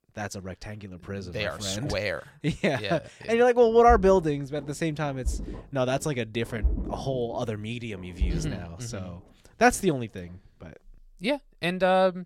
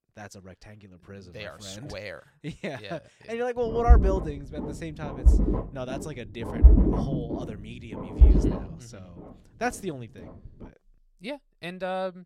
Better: first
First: low rumble; faint; from 3.5 to 11 s; 20 dB below the speech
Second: low rumble; loud; from 3.5 to 11 s; 2 dB below the speech

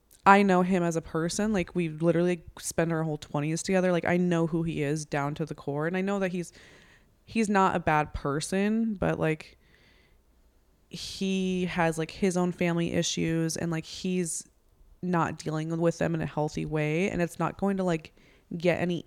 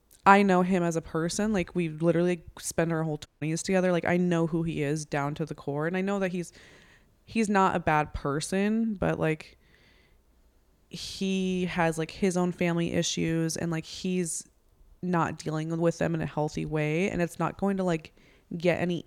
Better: first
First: none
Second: audio cutting out; at 3.5 s

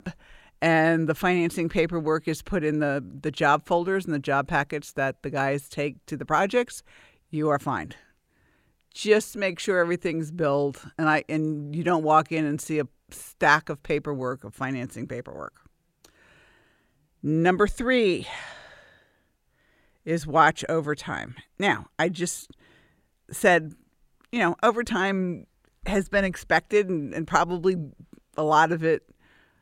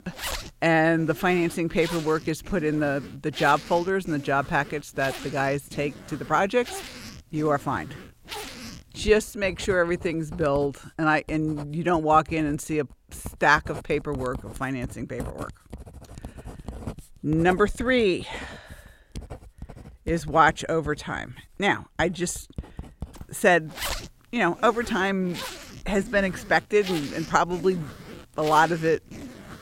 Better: first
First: none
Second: household noises; noticeable; throughout; 15 dB below the speech

